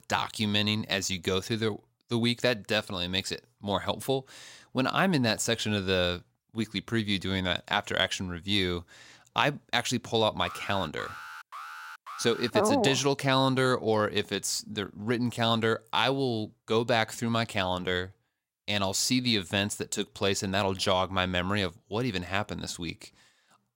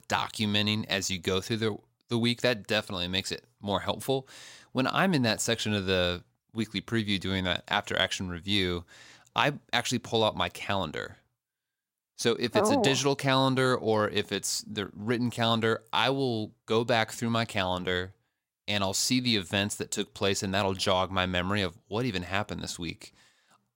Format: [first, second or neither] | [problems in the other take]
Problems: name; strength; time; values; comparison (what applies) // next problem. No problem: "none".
second | alarm; faint; from 10 to 13 s; peak 15 dB below the speech